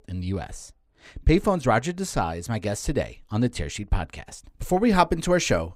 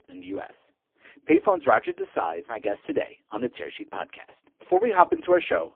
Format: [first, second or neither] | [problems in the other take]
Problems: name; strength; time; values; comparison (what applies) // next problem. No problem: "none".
first | phone-call audio; poor line; nothing above 3 kHz